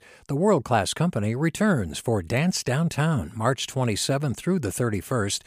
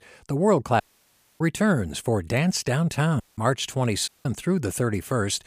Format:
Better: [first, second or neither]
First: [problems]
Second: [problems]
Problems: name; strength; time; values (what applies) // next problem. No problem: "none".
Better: first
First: none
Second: audio cutting out; at 1 s for 0.5 s, at 3 s and at 4 s